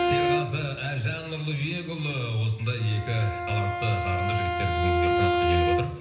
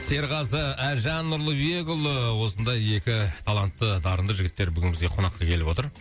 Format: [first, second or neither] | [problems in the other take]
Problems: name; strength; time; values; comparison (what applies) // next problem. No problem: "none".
second | background sound (Bowed string instrument); as loud as the speech // room echo; dies away in 0.9 s